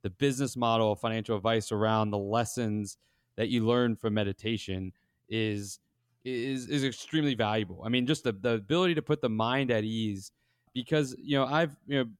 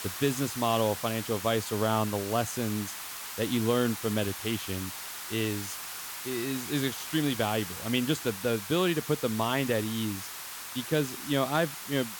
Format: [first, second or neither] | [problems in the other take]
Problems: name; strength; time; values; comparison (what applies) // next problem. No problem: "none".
first | hiss; loud; throughout; 7 dB below the speech